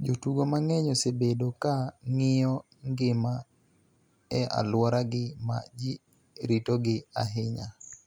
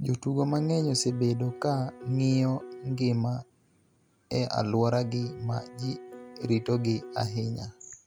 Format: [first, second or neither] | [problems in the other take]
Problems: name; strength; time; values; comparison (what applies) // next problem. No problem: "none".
first | background sound (Piano); 16 dB below the speech